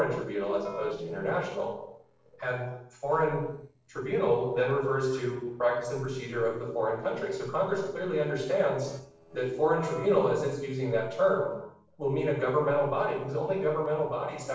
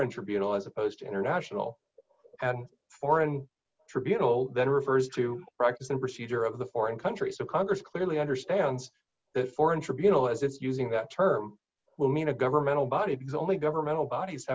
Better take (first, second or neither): second